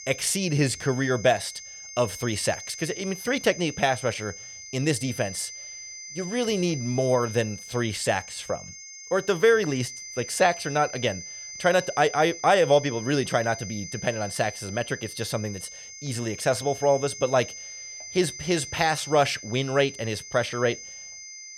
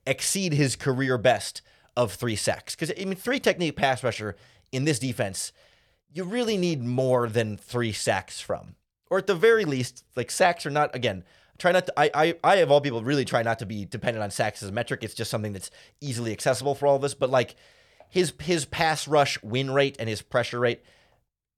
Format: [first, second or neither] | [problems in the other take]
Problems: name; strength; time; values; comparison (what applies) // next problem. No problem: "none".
second | high-pitched whine; noticeable; throughout; 6 kHz, 10 dB below the speech